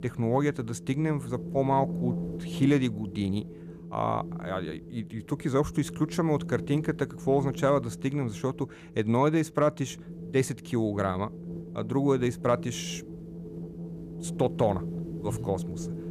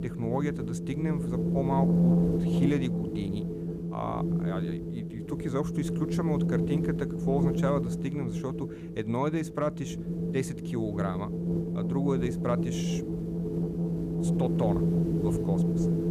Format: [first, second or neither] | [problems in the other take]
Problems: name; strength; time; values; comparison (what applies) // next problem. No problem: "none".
first | wind noise on the microphone; heavy; 1 dB below the speech; occasional gusts in the first